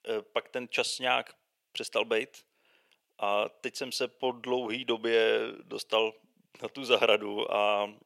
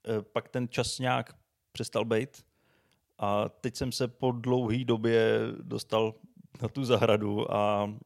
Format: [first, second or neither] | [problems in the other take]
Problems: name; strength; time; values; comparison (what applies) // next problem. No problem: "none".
second | thin; somewhat; fading below 450 Hz